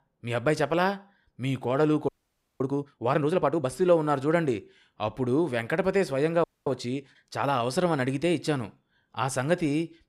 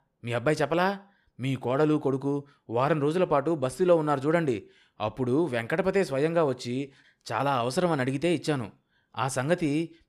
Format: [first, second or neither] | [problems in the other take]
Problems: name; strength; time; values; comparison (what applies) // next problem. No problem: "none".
second | audio freezing; at 2 s for 0.5 s and at 6.5 s